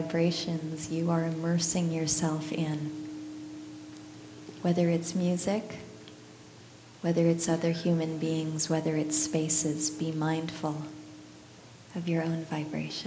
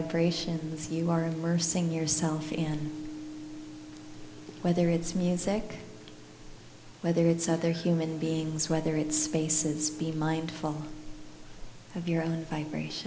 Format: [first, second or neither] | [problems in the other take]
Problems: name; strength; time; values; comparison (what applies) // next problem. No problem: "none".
first | background sound (Meow / Purr); 17 dB below the speech